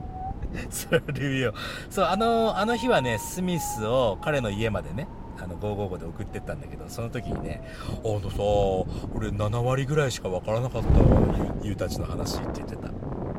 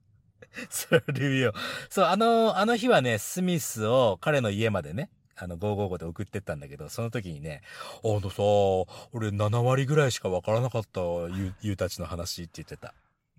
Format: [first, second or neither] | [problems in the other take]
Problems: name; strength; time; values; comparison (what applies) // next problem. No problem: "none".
second | wind noise on the microphone; heavy; 9 dB below the speech